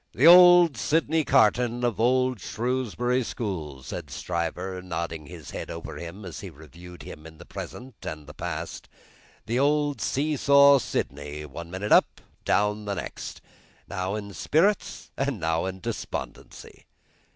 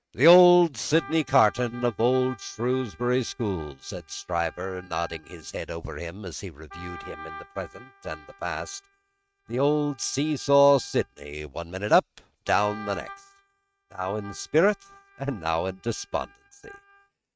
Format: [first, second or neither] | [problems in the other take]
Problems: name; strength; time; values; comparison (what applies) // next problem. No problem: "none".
first | noise reduction (neural mask model RNNoise)